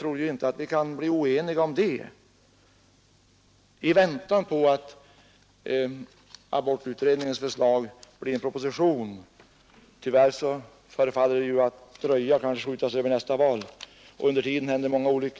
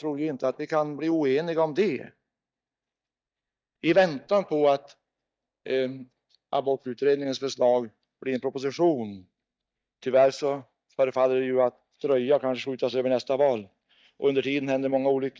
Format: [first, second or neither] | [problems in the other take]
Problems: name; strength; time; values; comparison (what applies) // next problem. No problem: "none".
first | noise reduction (neural mask model DeepFilterNet 3)